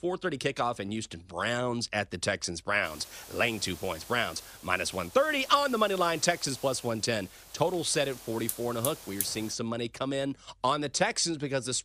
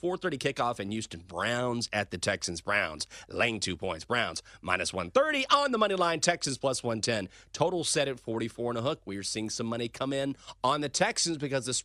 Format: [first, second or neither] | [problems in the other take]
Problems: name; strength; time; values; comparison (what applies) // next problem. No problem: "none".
second | hiss; noticeable; from 3 to 9.5 s; 10 dB below the speech